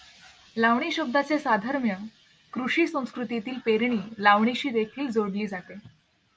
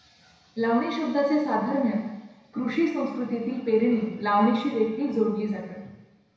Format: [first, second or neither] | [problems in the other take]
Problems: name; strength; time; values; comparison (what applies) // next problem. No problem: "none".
first | room echo; dies away in 1 s